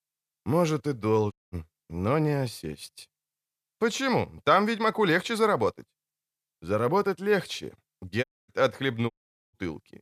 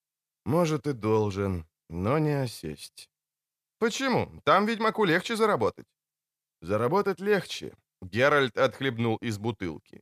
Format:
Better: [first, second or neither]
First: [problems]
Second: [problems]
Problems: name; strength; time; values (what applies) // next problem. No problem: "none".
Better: second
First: audio cutting out; at 1.5 s, at 8 s and at 9 s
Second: none